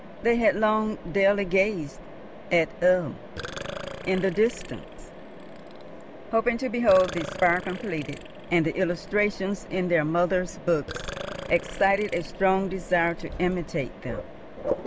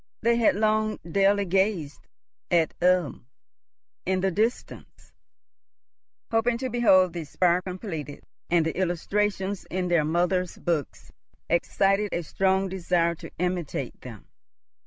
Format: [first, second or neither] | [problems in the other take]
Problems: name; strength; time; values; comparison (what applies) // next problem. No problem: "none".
second | background sound (Burping, eructation + Mechanisms); 12 dB below the speech